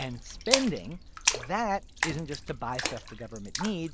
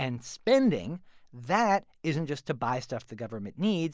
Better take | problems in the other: second | background sound (Splash, splatter); 1 dB below the speech

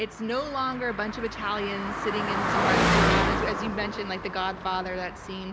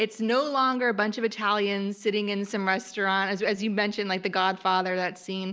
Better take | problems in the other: second | background sound (Car passing by); 3 dB above the speech

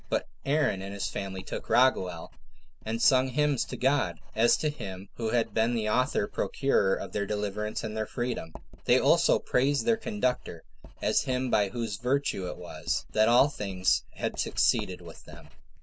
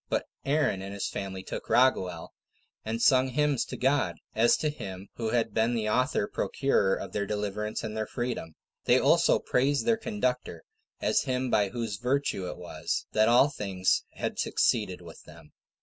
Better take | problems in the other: second | background sound (Writing); 12 dB below the speech

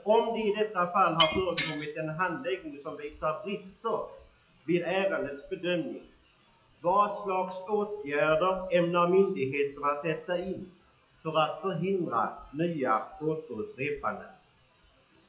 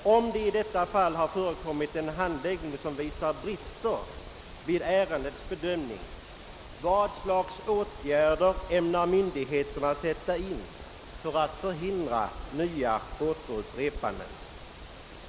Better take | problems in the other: second | noise reduction (classical method WPE with log-MMSE)

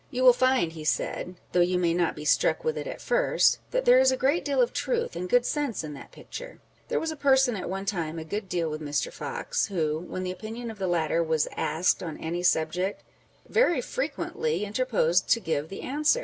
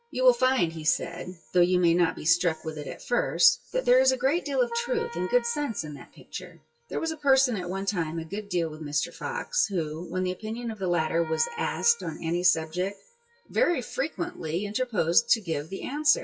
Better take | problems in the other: first | noise reduction (classical method WPE with log-MMSE)

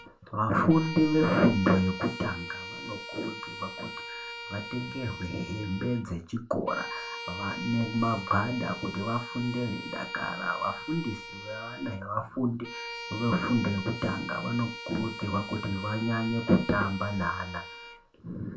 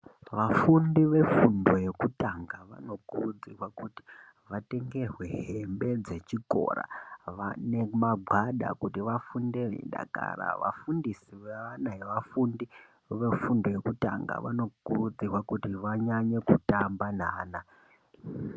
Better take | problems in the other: second | background sound (Bowed string instrument); 11 dB below the speech // room echo; dies away in 0.2 s

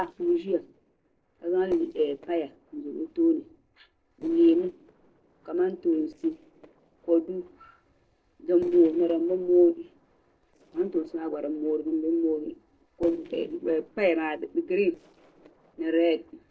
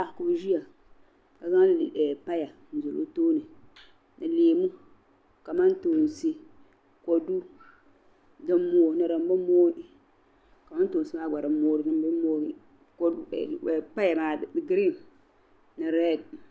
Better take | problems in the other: second | noise reduction (neural separator model SepFormer DNS4)

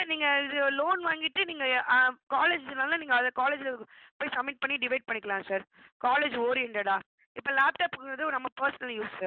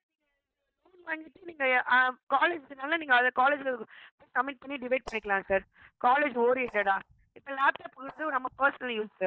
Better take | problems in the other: first | noise reduction (neural mask model DeepFilterNet 3)

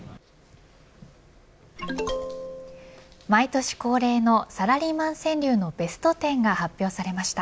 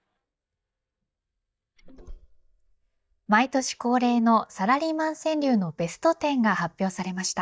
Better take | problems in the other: first | noise reduction (neural mask model DeepFilterNet 3)

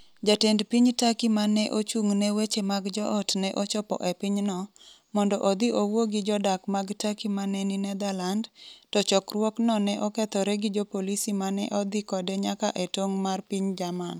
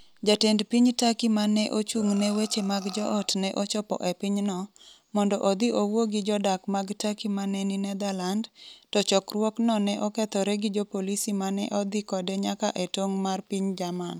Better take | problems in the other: first | background sound (Burping, eructation); 18 dB below the speech

